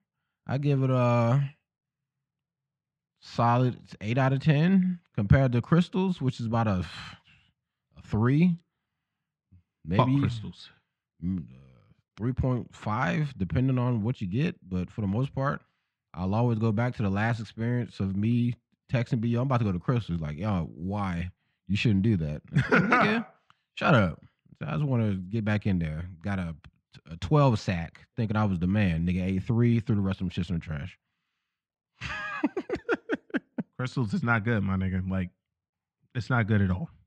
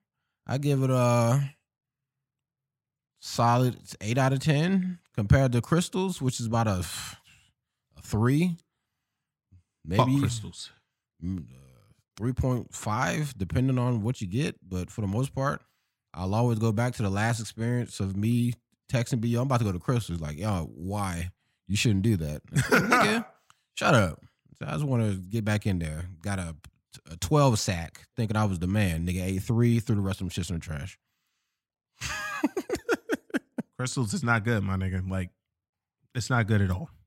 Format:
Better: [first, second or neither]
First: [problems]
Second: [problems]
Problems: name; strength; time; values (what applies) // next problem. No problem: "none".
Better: second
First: muffled; slightly; fading above 3 kHz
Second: none